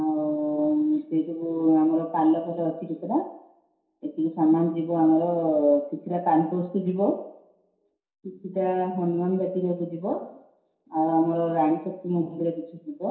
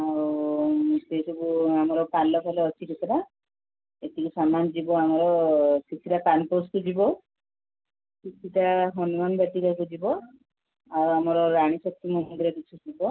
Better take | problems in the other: second | room echo; dies away in 0.7 s

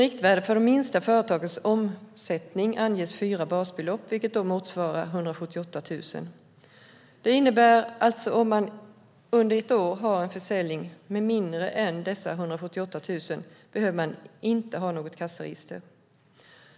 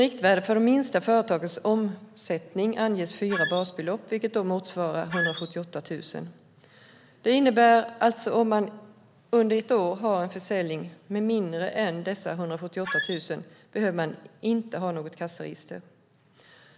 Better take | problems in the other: first | background sound (Squeak); 4 dB below the speech

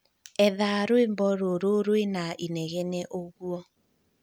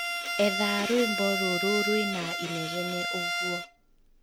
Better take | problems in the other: first | background sound (Bowed string instrument); 1 dB below the speech

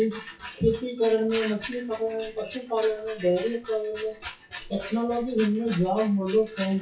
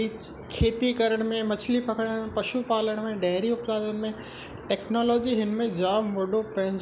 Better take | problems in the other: second | noise reduction (classical method WPE with log-MMSE)

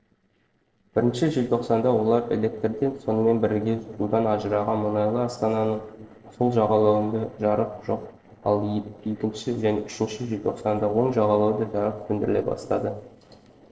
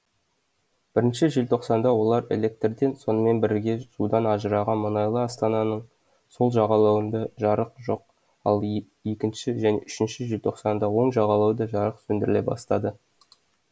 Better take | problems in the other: second | noise reduction (neural separator model SepFormer DNS4)

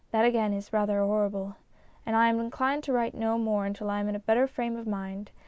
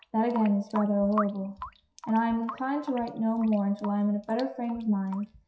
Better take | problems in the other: first | noise reduction (classical method WPE with log-MMSE)

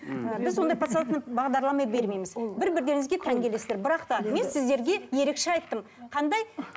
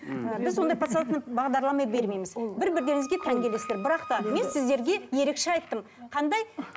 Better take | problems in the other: first | background sound (Wind instrument, woodwind instrument); 14 dB below the speech

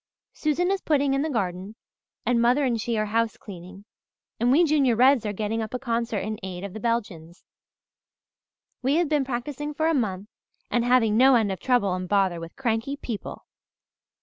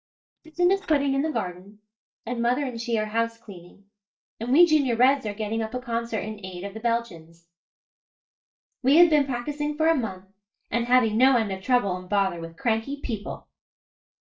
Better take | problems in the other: first | noise reduction (neural mask model DeepFilterNet 3)

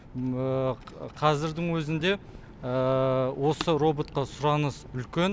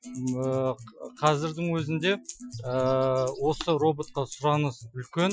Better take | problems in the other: first | noise reduction (classical method Wiener filter)

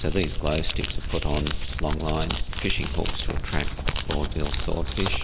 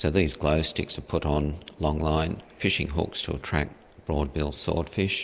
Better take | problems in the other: second | background sound (Crumpling, crinkling); 3 dB above the speech

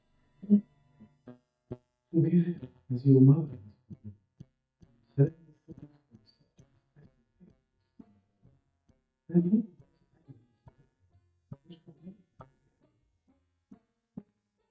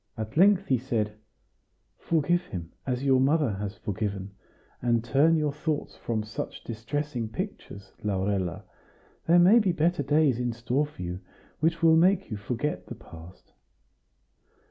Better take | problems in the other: second | noise reduction (neural mask model DeepFilterNet 3)

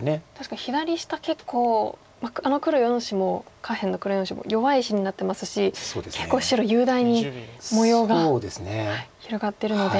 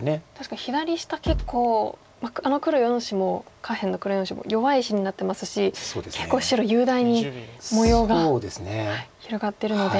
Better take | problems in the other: first | background sound (Bass drum); 6 dB below the speech

